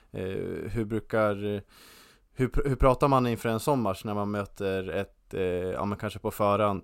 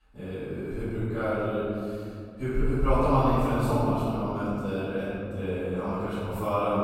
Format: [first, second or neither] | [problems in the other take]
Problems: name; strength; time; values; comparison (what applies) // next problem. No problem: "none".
first | off-mic speech; far // room echo; strong; dies away in 2.9 s